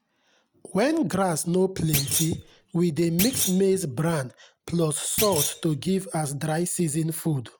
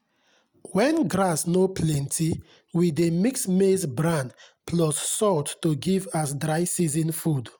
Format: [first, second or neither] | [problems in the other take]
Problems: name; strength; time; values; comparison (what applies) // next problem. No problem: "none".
second | background sound (Thump, thud); 5 dB below the speech